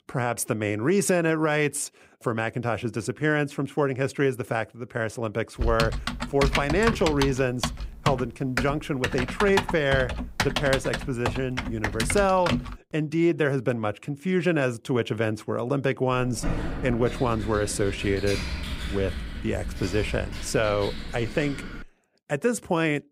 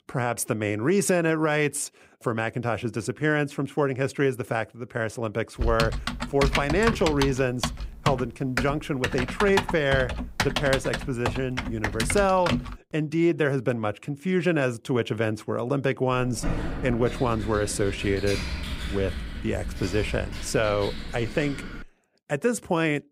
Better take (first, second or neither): neither